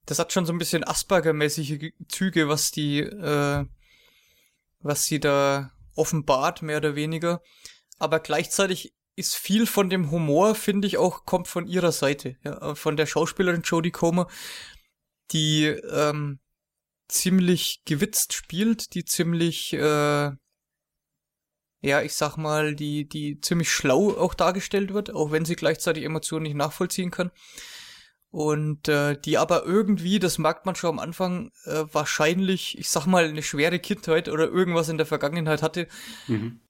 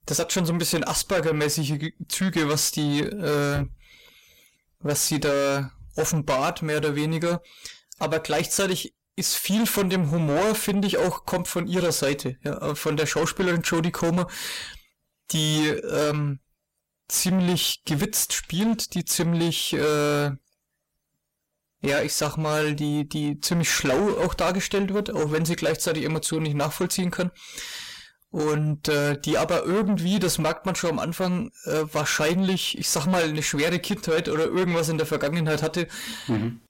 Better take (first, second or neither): first